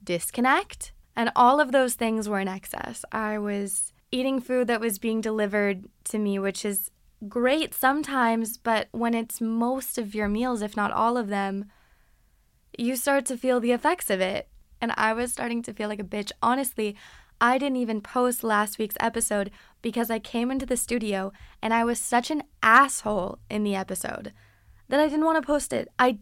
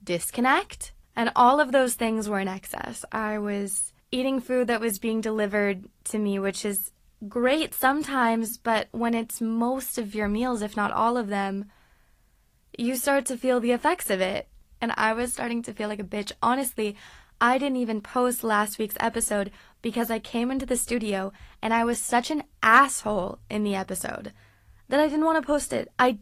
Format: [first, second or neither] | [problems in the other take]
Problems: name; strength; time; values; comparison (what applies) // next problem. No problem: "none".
first | garbled, watery; slightly; nothing above 13 kHz